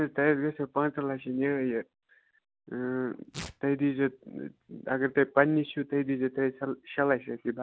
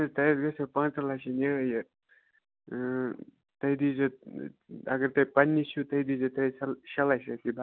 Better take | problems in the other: second | background sound (Tearing); 19 dB below the speech

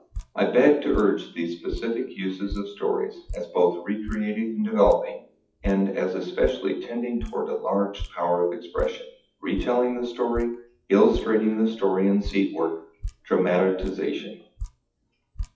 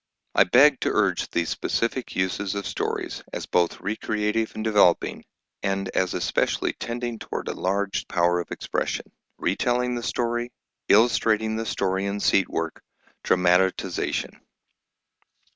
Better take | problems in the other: second | noise reduction (classical method WPE with log-MMSE)

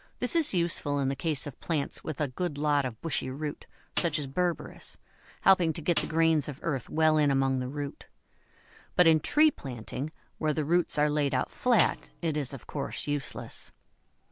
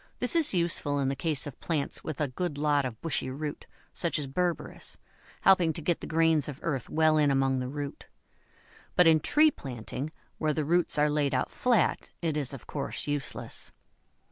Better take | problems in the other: second | background sound (Snare drum); 13 dB below the speech

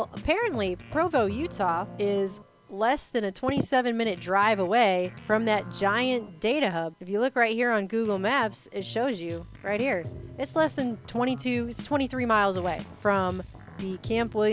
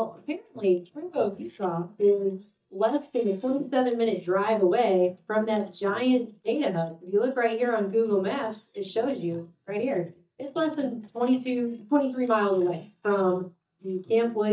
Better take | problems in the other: first | noise reduction (neural mask model DeepFilterNet 3)

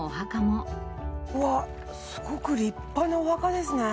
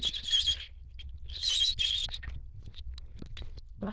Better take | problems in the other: first | noise reduction (neural diffusion model UNIVERSE++)

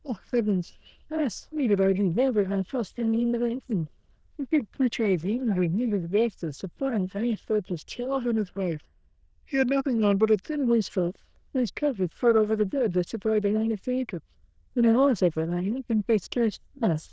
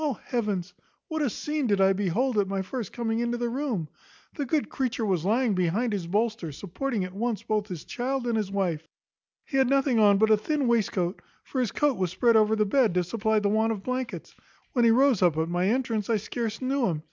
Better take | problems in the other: second | noise reduction (neural diffusion model UNIVERSE++)

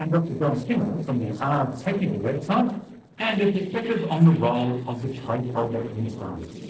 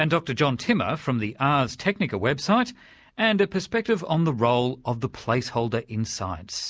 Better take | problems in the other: second | noise reduction (neural separator model SepFormer DNS4)

